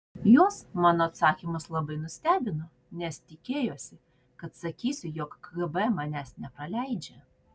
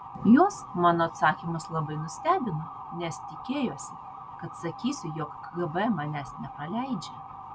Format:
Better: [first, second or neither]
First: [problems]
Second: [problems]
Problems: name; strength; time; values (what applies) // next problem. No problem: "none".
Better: first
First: none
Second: background sound (Motor vehicle (road) / Siren); 13 dB below the speech